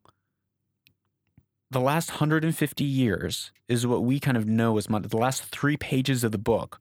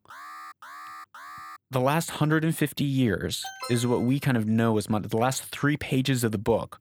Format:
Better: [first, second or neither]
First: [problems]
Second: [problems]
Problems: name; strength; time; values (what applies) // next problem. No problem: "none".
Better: first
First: none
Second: alarm; faint; until 1.5 s and at 3.5 s; peak 10 dB below the speech